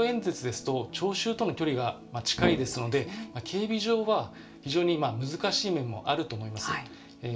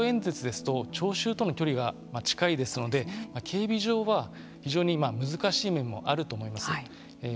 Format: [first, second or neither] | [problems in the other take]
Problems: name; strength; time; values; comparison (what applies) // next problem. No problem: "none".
second | background sound (Brass instrument); 3 dB below the speech // room echo; dies away in 0.3 s